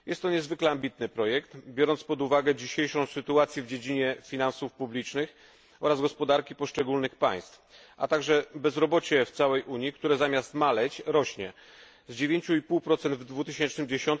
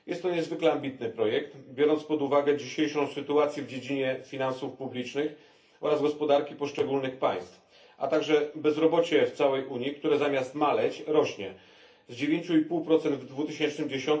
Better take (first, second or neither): first